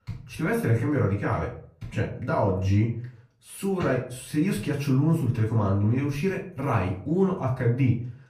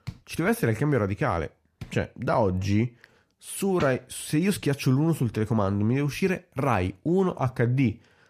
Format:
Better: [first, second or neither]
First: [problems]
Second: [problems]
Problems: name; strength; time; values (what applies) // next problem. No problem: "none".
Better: second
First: off-mic speech; far // room echo; slight; dies away in 0.4 s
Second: none